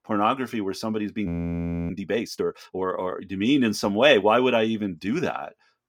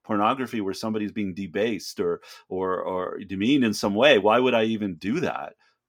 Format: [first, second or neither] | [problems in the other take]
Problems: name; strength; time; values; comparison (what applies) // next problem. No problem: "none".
second | audio freezing; at 1.5 s for 0.5 s